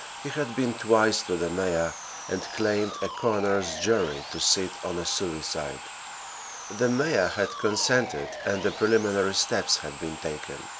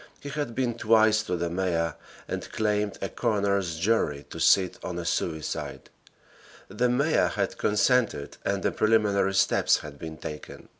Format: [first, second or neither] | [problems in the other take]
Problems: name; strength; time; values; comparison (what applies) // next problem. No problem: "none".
second | background sound (Sawing); 11 dB below the speech